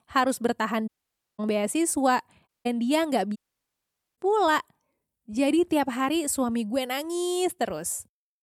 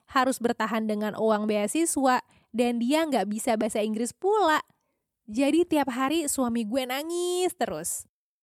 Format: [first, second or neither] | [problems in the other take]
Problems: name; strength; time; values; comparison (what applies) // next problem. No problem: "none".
second | audio cutting out; at 1 s, at 2.5 s and at 3.5 s for 1 s